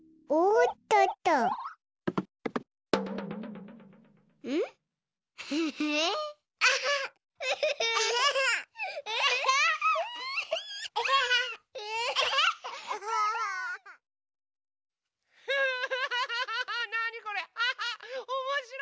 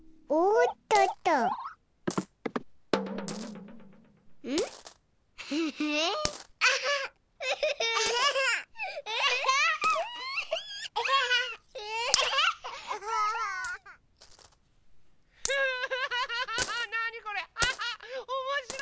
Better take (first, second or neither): first